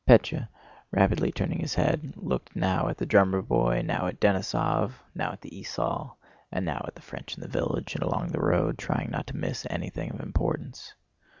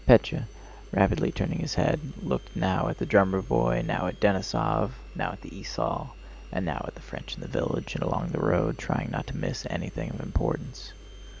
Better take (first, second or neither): first